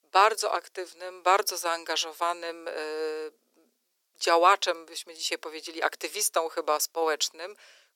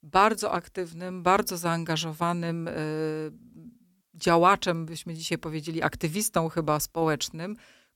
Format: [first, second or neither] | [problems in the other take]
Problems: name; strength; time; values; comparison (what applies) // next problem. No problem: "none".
second | thin; very; fading below 400 Hz